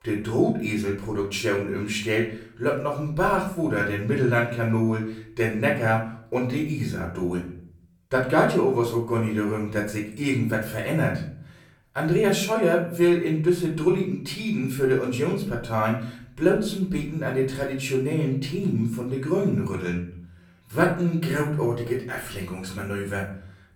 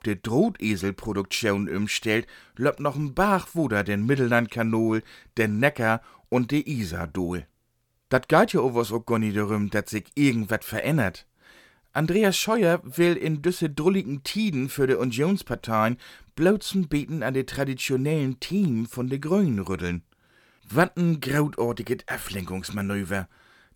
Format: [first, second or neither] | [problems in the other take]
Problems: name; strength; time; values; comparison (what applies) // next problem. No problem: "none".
second | off-mic speech; far // room echo; slight; dies away in 0.5 s